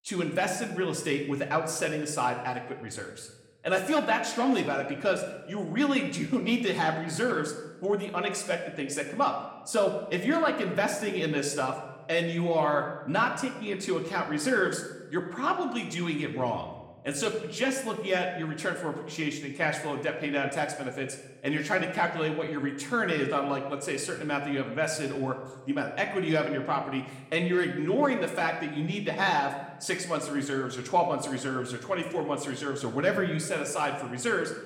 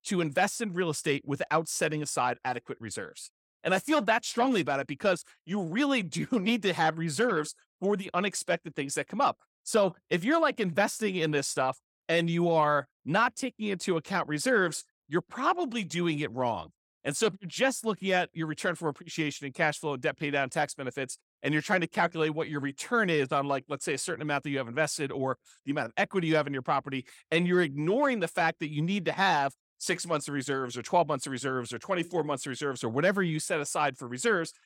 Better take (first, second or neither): second